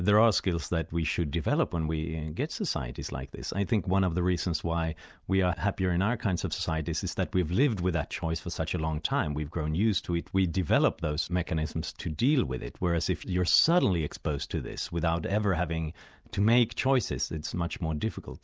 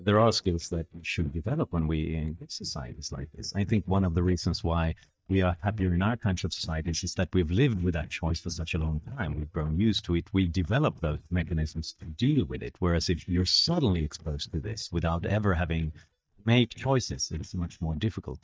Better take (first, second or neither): first